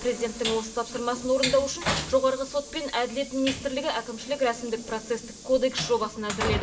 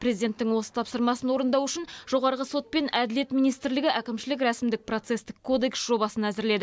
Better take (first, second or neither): second